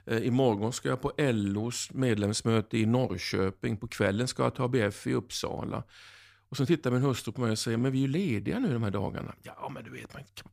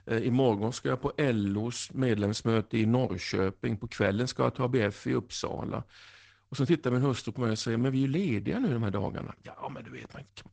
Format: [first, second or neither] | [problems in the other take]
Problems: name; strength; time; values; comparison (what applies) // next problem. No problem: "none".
first | garbled, watery; slightly; nothing above 8 kHz